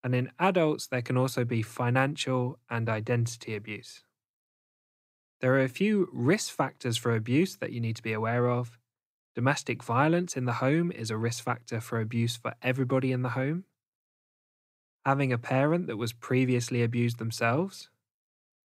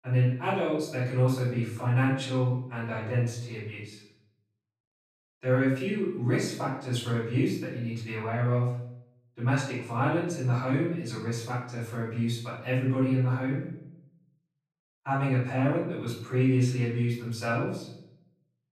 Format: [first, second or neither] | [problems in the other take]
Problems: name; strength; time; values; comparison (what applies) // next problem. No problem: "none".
first | off-mic speech; far // room echo; noticeable; dies away in 0.6 s